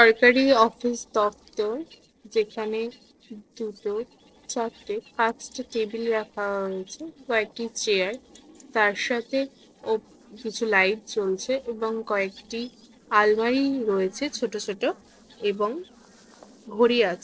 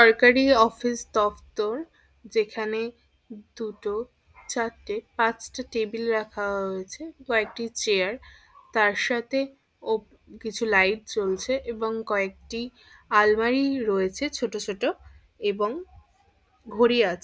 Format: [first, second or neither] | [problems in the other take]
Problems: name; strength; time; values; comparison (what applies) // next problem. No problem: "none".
second | noise reduction (neural separator model SepFormer DNS4)